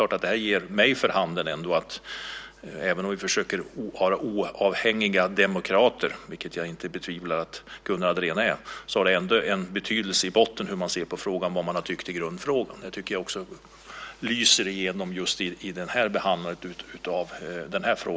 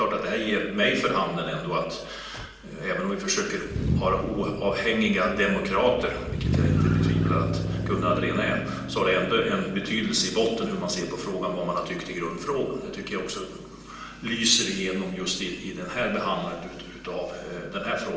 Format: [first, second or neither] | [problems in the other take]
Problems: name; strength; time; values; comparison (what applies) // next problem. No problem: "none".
first | background sound (Motor vehicle (road)); 5 dB below the speech // room echo; dies away in 0.9 s